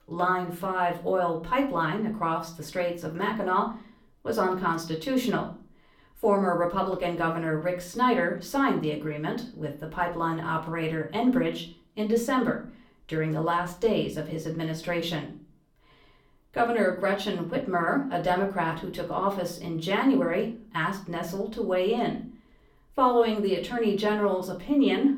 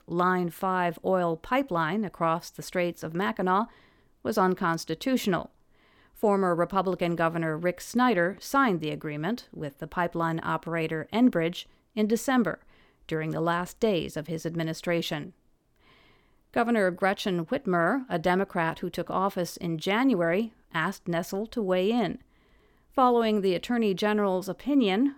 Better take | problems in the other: second | off-mic speech; far // room echo; very slight; dies away in 0.3 s

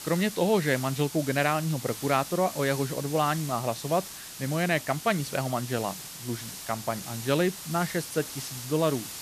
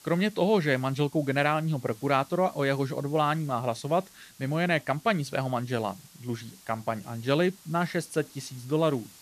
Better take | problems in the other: second | hiss; loud; throughout; 9 dB below the speech; faint in the second

